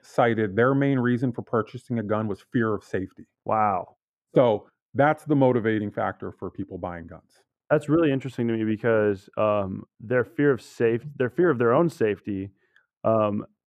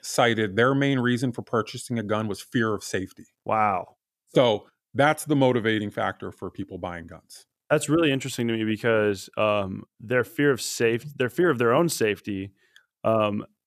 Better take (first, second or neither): second